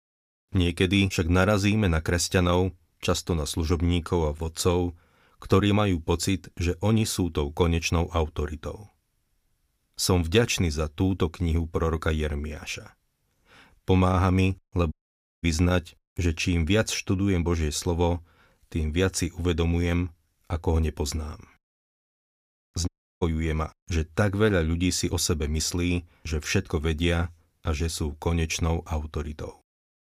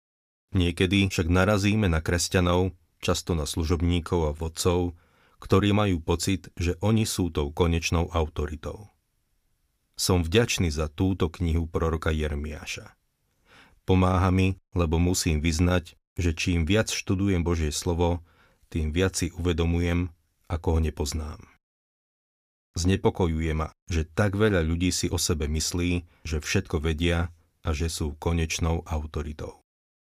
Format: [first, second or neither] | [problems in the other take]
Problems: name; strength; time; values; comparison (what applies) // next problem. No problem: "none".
second | audio cutting out; at 15 s for 0.5 s and at 23 s